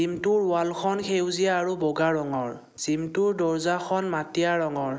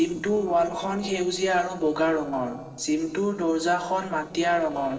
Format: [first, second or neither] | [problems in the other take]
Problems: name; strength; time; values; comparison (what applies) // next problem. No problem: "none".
first | noise reduction (neural separator model SepFormer DNS4)